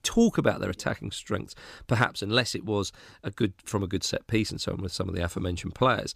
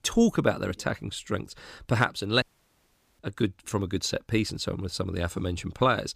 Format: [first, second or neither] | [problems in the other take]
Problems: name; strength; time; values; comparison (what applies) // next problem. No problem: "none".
first | audio cutting out; at 2.5 s for 1 s